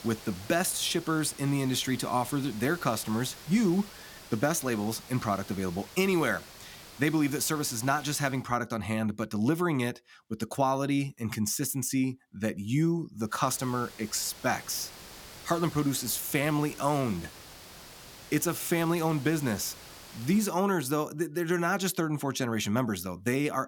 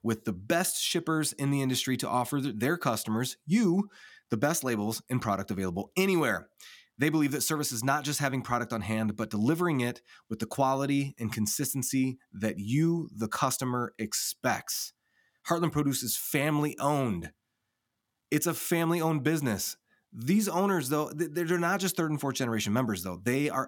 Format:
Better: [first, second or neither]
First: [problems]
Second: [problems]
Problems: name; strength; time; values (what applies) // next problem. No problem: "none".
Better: second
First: hiss; noticeable; until 8.5 s and from 13 to 20 s; 15 dB below the speech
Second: none